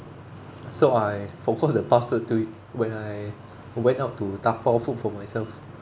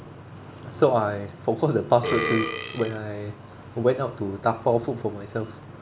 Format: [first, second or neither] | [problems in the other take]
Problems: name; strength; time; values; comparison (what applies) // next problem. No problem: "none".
first | background sound (Burping, eructation); 5 dB below the speech